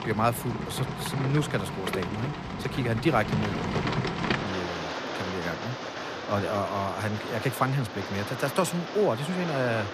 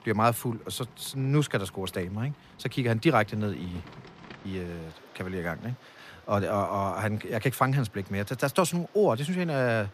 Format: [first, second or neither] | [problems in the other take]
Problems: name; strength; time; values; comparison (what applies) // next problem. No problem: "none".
second | rain or running water; loud; throughout; 3 dB below the speech; faint in the second